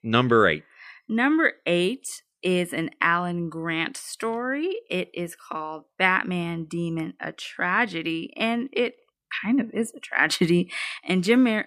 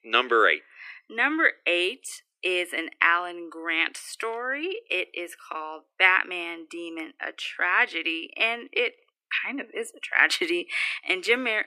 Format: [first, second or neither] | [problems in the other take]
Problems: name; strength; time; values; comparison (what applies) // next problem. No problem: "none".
first | thin; very; fading below 300 Hz